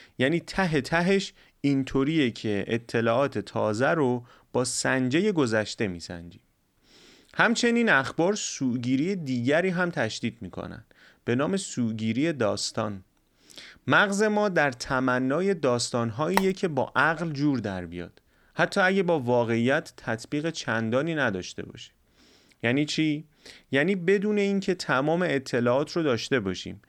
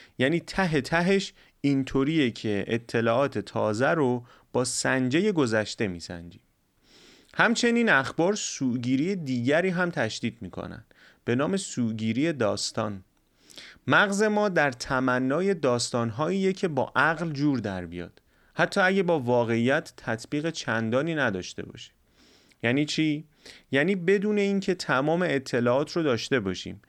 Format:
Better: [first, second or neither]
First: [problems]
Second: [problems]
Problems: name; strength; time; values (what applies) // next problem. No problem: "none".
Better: second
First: phone ringing; very faint; at 16 s; peak 4 dB below the speech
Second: none